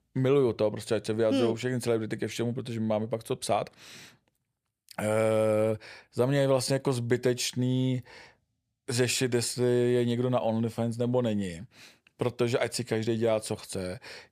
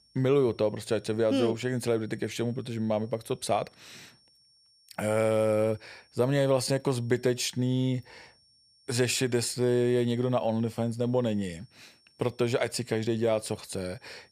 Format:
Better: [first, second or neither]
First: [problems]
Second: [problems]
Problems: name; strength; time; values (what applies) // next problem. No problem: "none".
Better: first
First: none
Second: high-pitched whine; faint; throughout; 5.5 kHz, 35 dB below the speech